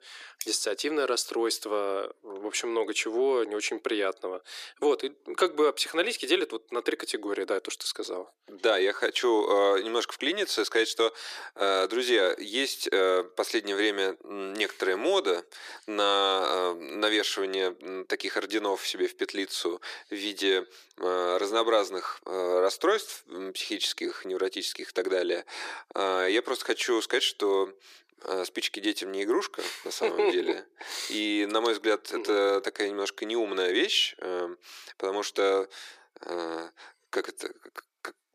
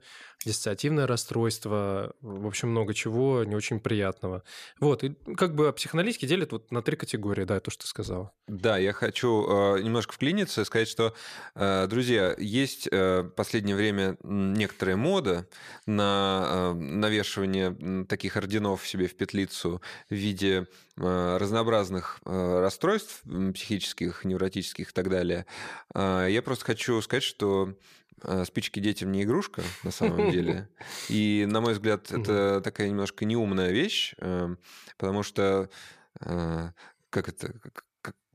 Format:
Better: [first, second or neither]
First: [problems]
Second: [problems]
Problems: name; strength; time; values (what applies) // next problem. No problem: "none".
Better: second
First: thin; very; fading below 350 Hz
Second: none